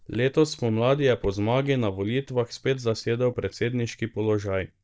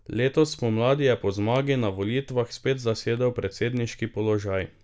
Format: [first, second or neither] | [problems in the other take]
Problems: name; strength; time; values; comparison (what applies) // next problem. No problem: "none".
second | noise reduction (neural mask model DeepFilterNet 3)